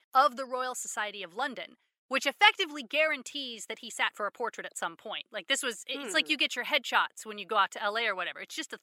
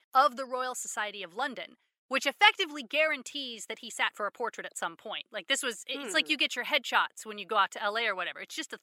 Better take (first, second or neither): neither